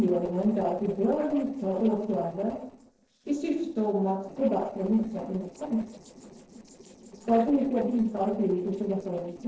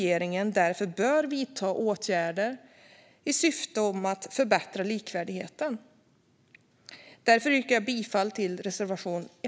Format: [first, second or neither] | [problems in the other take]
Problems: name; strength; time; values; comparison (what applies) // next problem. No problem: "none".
second | noise reduction (neural separator model SepFormer DNS4)